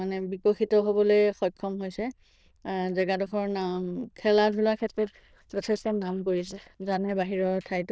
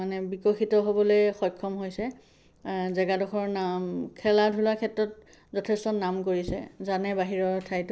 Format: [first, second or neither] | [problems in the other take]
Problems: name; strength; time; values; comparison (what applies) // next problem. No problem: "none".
second | noise reduction (neural diffusion model UNIVERSE++)